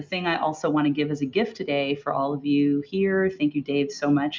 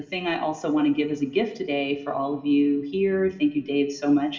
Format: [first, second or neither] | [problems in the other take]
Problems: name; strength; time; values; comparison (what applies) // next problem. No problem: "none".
first | room echo; dies away in 2.3 s